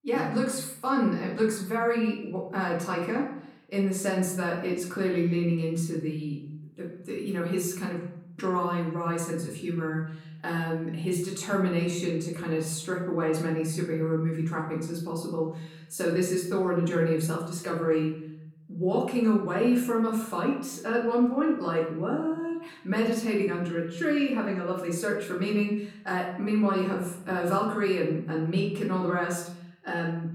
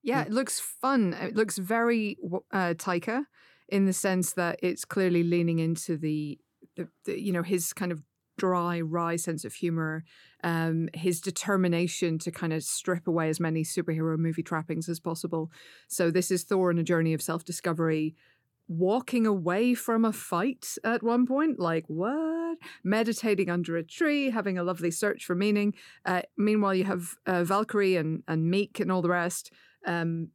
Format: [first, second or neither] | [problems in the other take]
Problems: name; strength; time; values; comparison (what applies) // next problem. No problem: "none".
second | off-mic speech; far // room echo; noticeable; dies away in 0.7 s